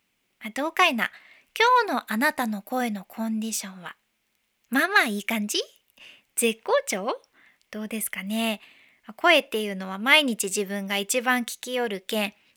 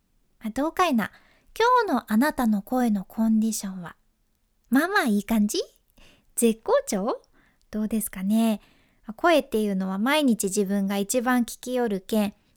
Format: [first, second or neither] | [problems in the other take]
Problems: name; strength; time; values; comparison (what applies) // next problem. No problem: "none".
second | thin; very slightly; fading below 1 kHz